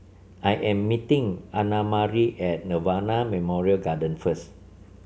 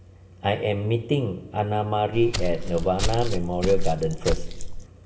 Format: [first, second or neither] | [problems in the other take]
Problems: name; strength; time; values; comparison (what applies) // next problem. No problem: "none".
first | background sound (Walk, footsteps); as loud as the speech // room echo; dies away in 1 s